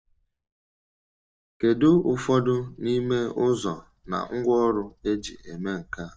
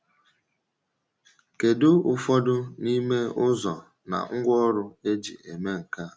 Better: second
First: noise reduction (neural mask model DeepFilterNet 3)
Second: none

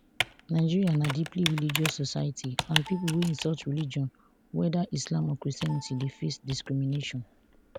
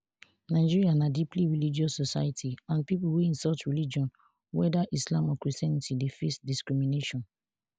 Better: second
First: background sound (Computer keyboard); 9 dB below the speech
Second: none

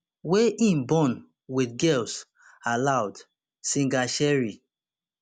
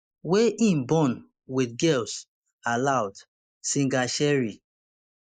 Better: first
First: none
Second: noise reduction (neural mask model Resemble Enhance denoiser)

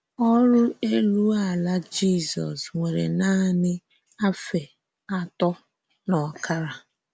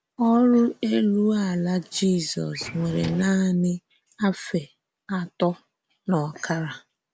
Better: first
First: none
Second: background sound (Drawer open or close); 15 dB below the speech

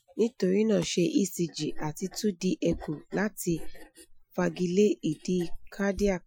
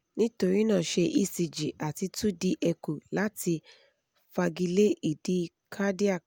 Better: second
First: noise reduction (classical method Wiener filter)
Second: none

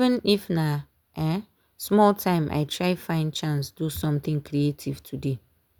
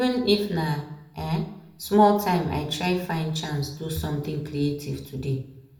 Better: first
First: none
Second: room echo; dies away in 0.6 s

